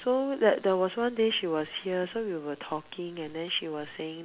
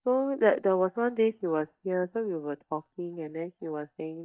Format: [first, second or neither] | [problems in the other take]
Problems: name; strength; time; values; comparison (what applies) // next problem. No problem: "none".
first | noise reduction (neural mask model DeepFilterNet 3)